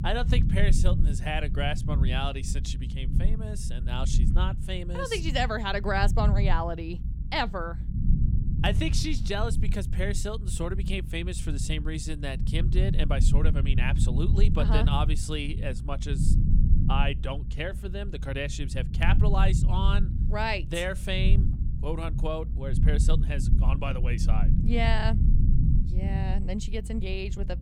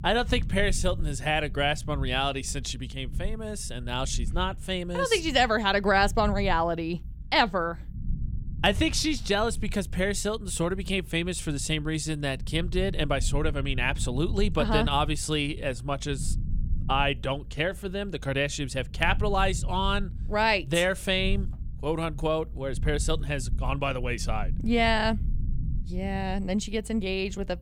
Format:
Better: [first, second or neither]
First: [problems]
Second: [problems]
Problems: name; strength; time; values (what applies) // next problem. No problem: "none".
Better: second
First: low rumble; loud; throughout; 10 dB below the speech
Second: low rumble; faint; throughout; 25 dB below the speech